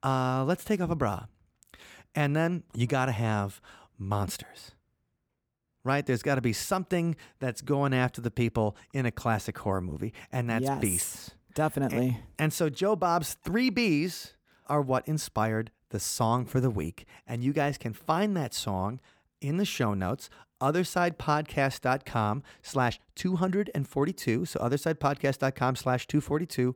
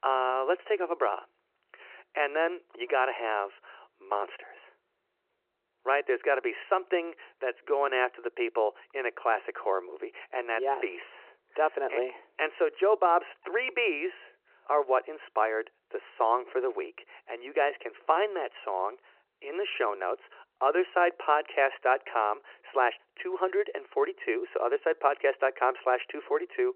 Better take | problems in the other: first | phone-call audio; nothing above 2.5 kHz

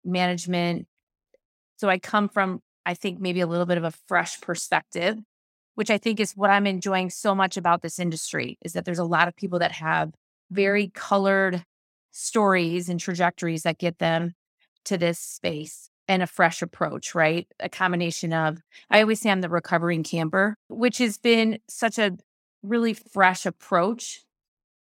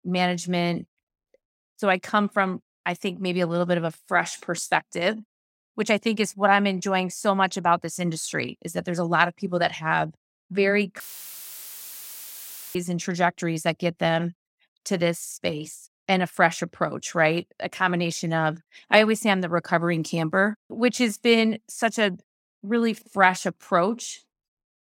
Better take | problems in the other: first | audio cutting out; filled with static; at 11 s for 2 s

